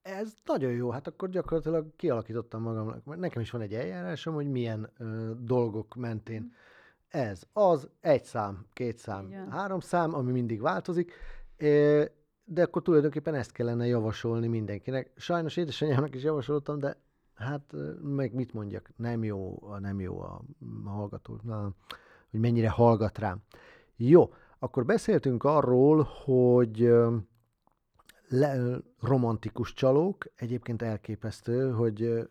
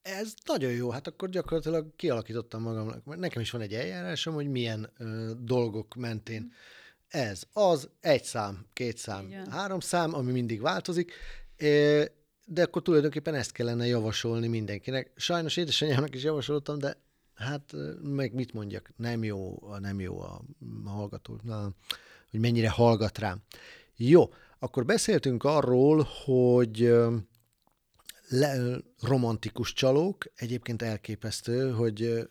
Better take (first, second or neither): second